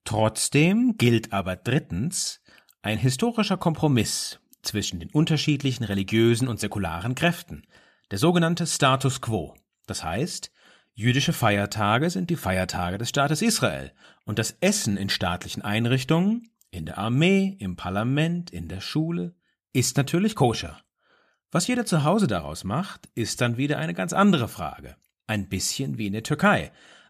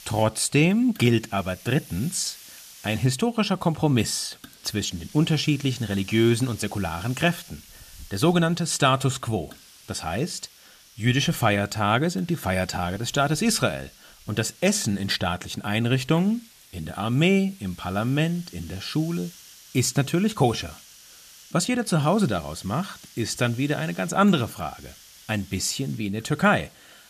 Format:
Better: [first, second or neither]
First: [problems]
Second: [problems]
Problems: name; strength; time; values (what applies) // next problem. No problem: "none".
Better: first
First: none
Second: hiss; faint; throughout; 20 dB below the speech